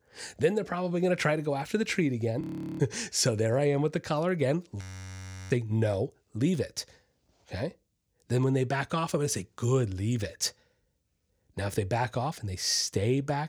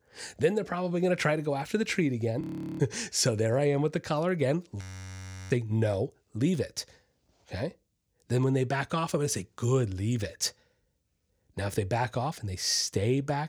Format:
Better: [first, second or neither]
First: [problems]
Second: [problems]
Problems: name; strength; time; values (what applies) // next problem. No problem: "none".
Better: neither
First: audio freezing; at 2.5 s and at 5 s for 0.5 s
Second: audio freezing; at 2.5 s and at 5 s for 0.5 s